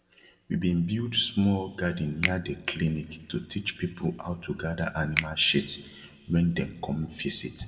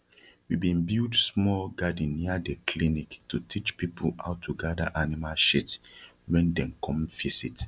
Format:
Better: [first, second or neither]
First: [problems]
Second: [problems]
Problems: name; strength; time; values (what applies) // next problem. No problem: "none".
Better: second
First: background sound (Finger snapping); 10 dB below the speech // room echo; dies away in 1.2 s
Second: none